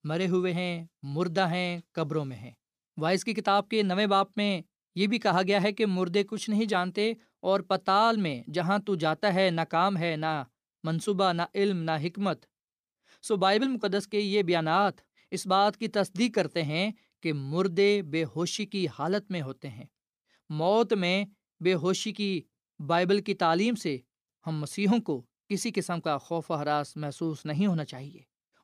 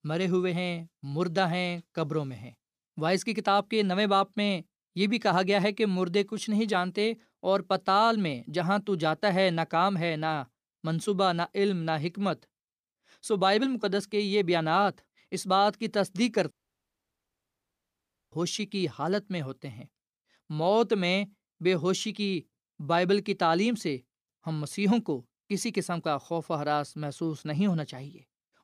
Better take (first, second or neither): first